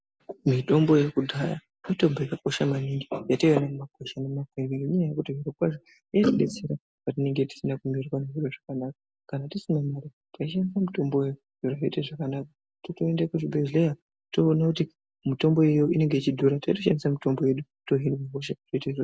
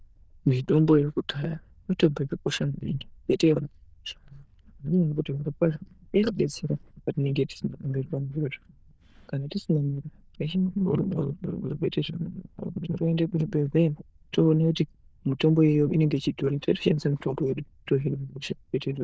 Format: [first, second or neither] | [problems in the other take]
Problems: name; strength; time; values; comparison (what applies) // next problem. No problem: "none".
first | noise reduction (neural diffusion model UNIVERSE++)